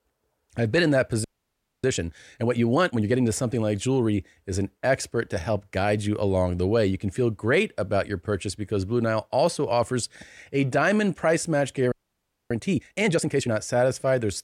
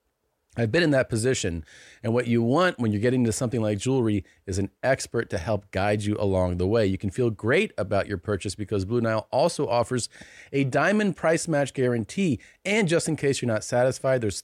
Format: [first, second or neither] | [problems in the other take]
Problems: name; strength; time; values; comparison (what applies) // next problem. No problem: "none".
second | audio freezing; at 1 s for 0.5 s and at 12 s for 0.5 s